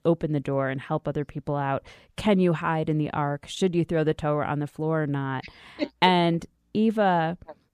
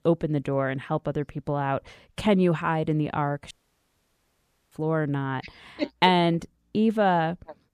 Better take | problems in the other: first | audio cutting out; at 3.5 s for 1 s

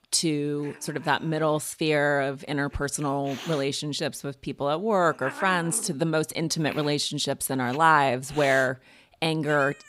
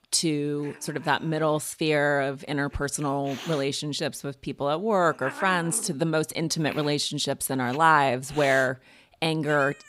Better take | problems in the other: neither | hiss; noticeable; throughout; 15 dB below the speech; the same in both

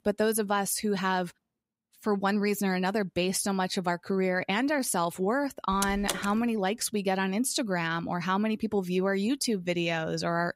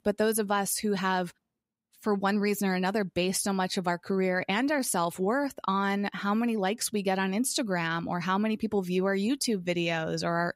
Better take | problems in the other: second | door banging; noticeable; at 5.5 s; peak 4 dB below the speech

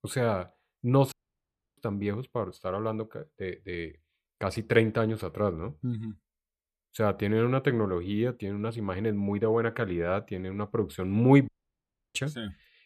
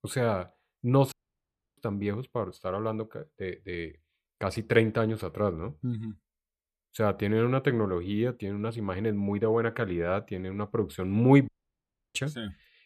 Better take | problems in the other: neither | audio cutting out; at 1 s for 0.5 s and at 11 s for 0.5 s; the same in both

